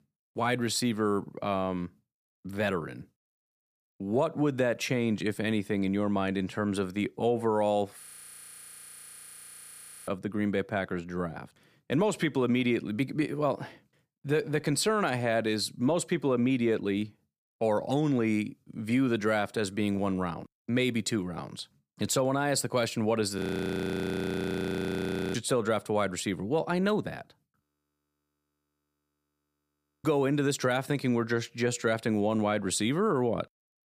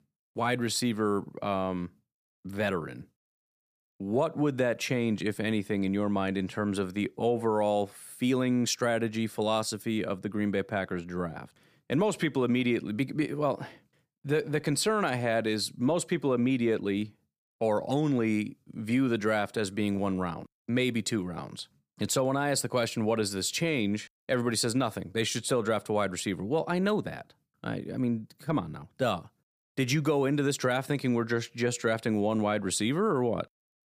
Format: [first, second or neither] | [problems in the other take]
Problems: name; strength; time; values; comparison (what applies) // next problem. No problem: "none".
second | audio freezing; at 8 s for 2 s, at 23 s for 2 s and at 28 s for 2.5 s